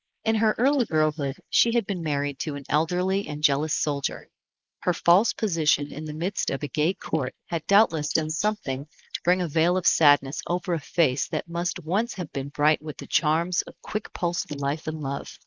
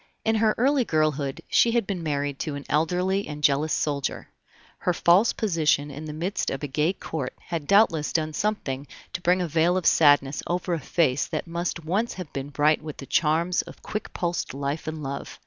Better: second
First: noise reduction (neural mask model Resemble Enhance denoiser)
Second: none

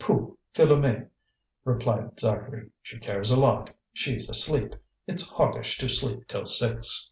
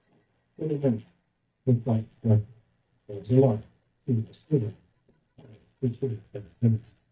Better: first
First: none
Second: noise reduction (neural mask model DeepFilterNet 3)

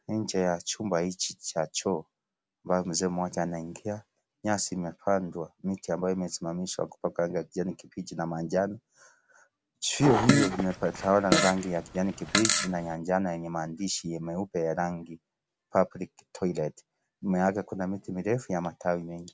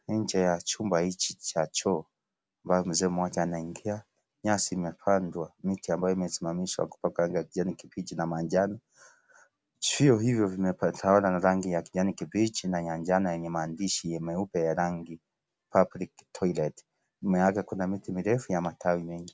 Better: second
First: background sound (Fart); 2 dB above the speech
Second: none

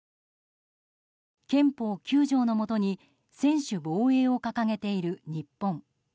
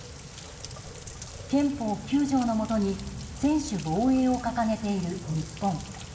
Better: first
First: none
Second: background sound (Rain); 12 dB below the speech // room echo; dies away in 2.3 s

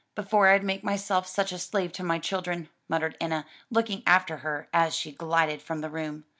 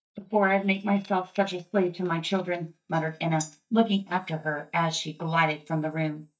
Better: first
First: none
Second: noise reduction (neural mask model DeepFilterNet 3)

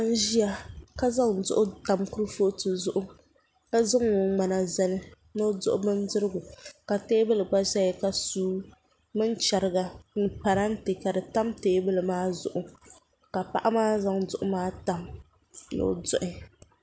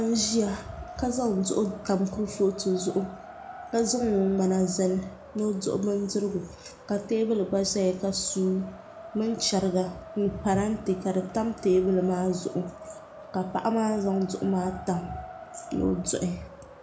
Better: first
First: none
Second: background sound (Wind); 16 dB below the speech // room echo; dies away in 0.3 s

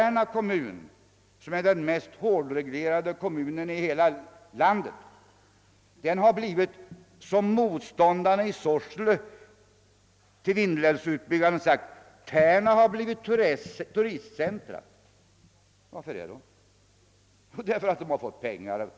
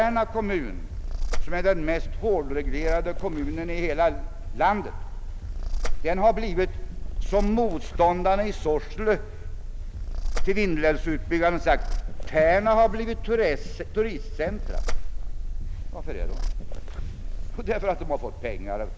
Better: first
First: none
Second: background sound (Purr); as loud as the speech

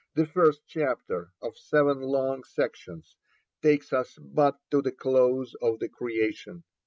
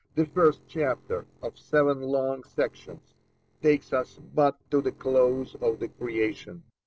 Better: first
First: none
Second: noise reduction (neural separator model SepFormer DNS4)

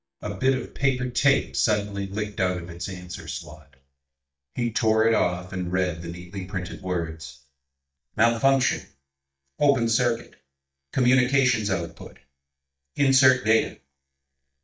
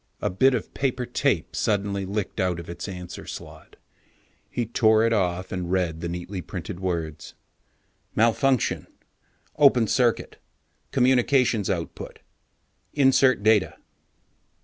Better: second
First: noise reduction (neural mask model DeepFilterNet 3)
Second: none

